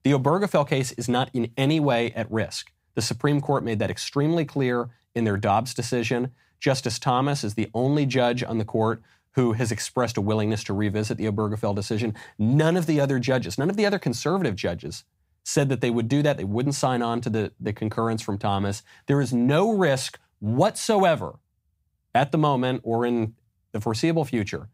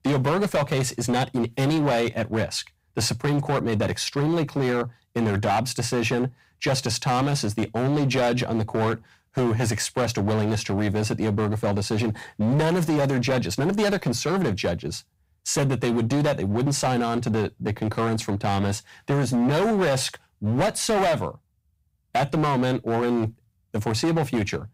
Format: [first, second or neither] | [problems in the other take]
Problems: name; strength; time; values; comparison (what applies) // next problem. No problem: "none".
first | distortion; heavy; 15% of the sound clipped